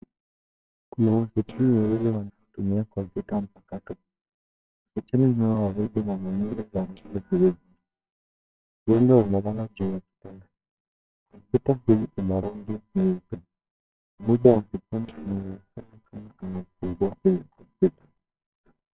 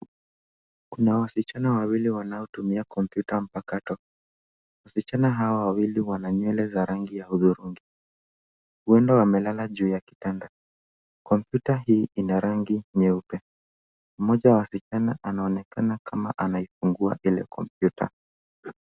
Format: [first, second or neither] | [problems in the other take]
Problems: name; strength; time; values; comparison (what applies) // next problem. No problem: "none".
second | noise reduction (neural separator model SepFormer WHAMR!)